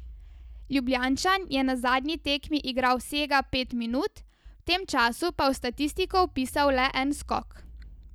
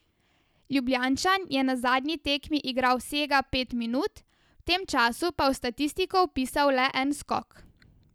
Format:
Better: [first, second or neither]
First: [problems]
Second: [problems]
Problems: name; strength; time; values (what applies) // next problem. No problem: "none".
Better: second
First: background sound (Accelerating, revving, vroom); 18 dB below the speech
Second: none